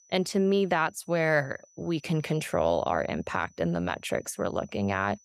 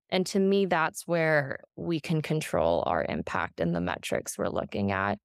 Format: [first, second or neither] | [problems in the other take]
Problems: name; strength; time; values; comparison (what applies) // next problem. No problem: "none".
second | high-pitched whine; faint; throughout; 6 kHz, 30 dB below the speech